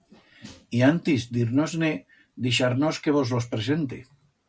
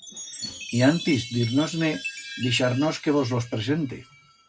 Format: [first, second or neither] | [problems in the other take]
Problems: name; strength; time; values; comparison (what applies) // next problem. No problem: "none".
first | background sound (Chime); 13 dB below the speech